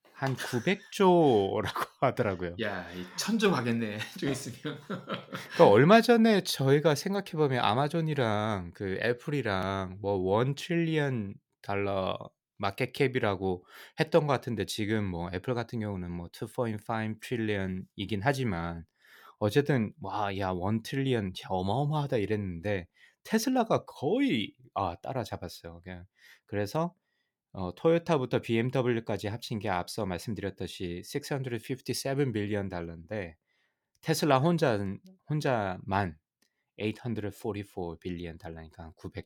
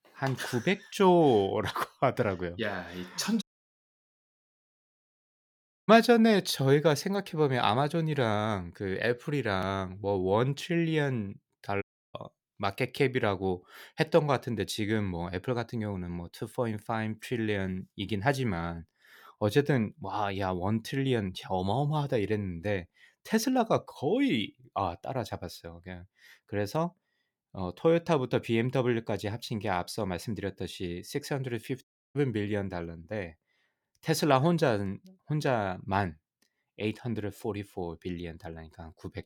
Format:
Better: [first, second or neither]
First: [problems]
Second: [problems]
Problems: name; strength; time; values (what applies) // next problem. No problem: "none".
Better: first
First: none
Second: audio cutting out; at 3.5 s for 2.5 s, at 12 s and at 32 s